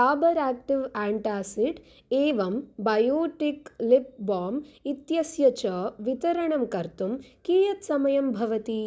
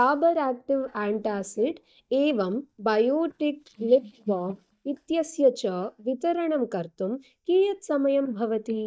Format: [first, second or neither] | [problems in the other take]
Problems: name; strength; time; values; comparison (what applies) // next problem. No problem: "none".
first | noise reduction (neural mask model DeepFilterNet 3)